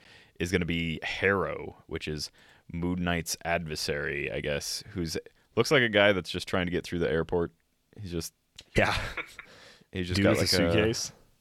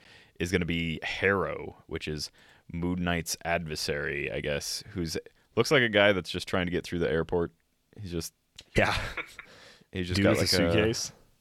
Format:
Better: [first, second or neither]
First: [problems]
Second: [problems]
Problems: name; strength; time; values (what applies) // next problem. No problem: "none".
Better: neither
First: none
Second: none